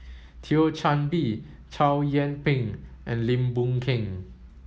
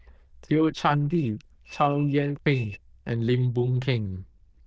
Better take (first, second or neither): first